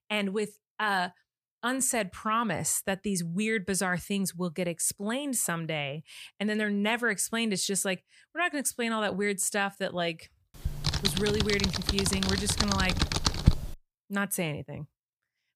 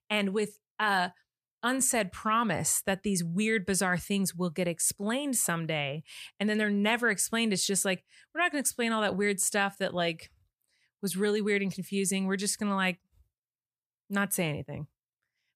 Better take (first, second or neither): second